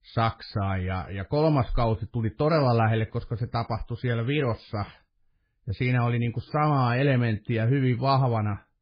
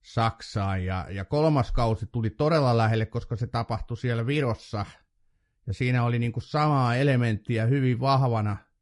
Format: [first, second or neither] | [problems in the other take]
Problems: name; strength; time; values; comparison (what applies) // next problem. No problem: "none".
second | garbled, watery; badly; nothing above 4.5 kHz; slightly in the second